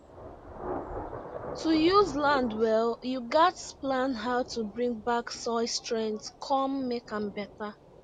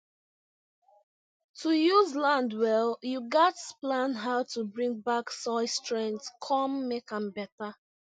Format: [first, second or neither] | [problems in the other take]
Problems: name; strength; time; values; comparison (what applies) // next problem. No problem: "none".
second | background sound (Thunder / Rain); 13 dB below the speech